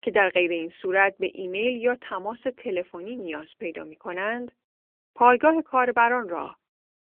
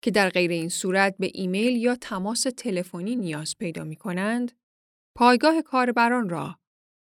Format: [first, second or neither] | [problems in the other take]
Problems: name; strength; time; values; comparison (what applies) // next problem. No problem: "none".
second | phone-call audio; nothing above 3 kHz